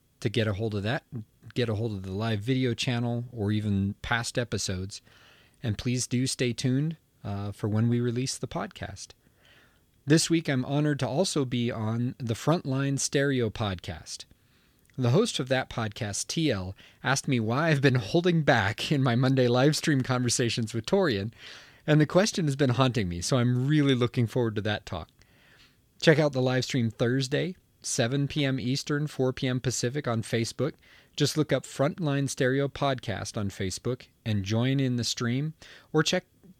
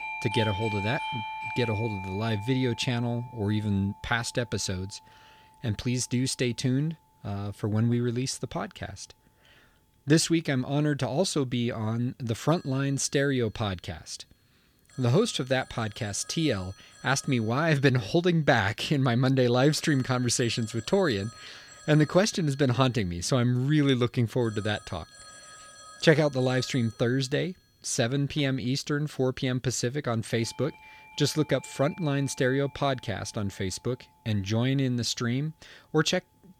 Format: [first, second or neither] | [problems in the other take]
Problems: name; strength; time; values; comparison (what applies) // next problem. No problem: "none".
first | alarms or sirens; noticeable; throughout; 15 dB below the speech